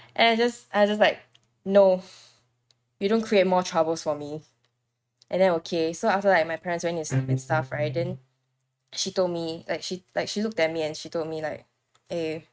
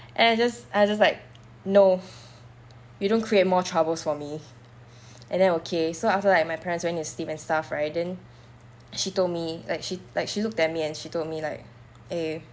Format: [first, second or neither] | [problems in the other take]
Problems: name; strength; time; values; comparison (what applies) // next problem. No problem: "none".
second | noise reduction (neural mask model RNNoise)